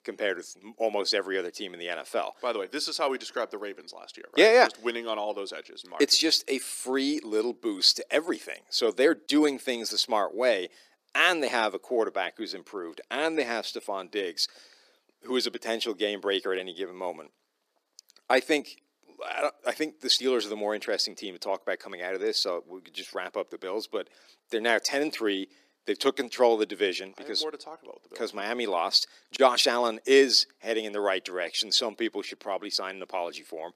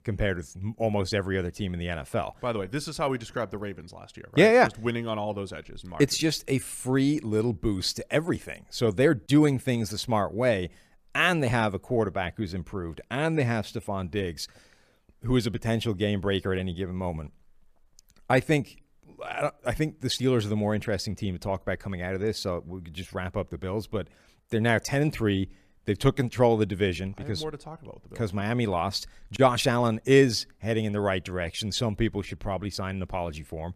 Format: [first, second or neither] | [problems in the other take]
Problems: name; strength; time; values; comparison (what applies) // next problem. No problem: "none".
second | thin; somewhat; fading below 300 Hz